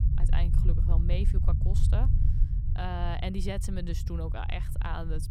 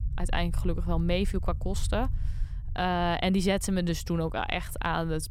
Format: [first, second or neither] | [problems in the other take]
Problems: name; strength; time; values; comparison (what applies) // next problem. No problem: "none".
second | low rumble; loud; throughout; 6 dB below the speech; faint in the second